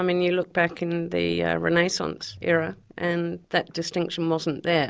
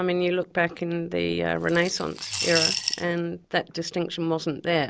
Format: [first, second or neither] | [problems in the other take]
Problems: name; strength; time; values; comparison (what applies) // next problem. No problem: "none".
first | background sound (Coin (dropping) / Glass); 4 dB below the speech